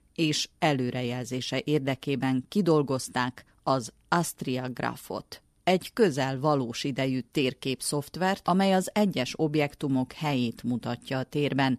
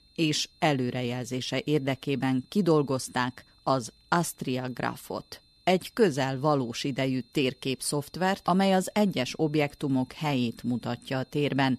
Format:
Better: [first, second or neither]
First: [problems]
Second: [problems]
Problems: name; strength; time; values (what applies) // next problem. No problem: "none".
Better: first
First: none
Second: high-pitched whine; faint; throughout; 4 kHz, 30 dB below the speech